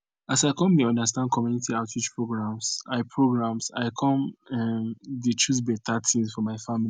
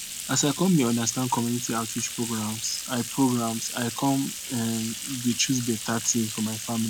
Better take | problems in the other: first | background sound (Bathtub (filling or washing)); 8 dB below the speech

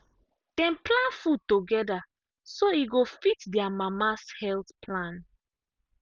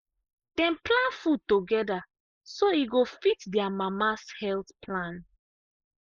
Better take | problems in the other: first | noise reduction (neural mask model Resemble Enhance denoiser)

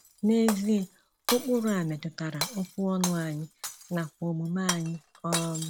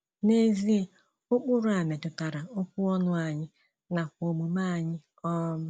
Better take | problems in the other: second | background sound (Shatter); 9 dB below the speech

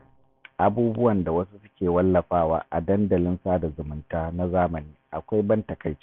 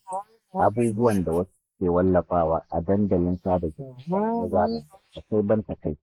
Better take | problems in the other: first | noise reduction (neural mask model Resemble Enhance denoiser)

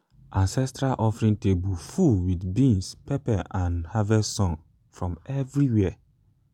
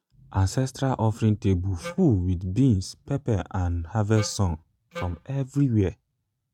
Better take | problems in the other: first | noise reduction (neural mask model RNNoise)

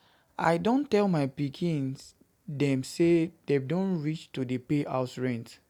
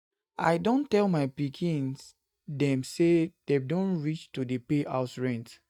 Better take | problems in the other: first | noise reduction (neural mask model DeepFilterNet 3)

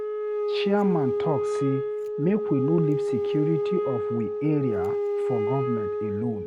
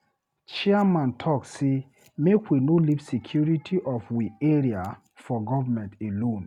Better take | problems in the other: second | background sound (Wind instrument, woodwind instrument); 1 dB above the speech

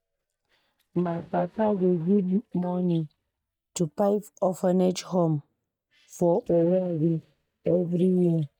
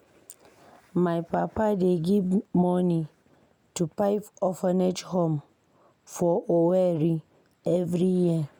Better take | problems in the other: second | noise reduction (neural mask model DeepFilterNet 3)

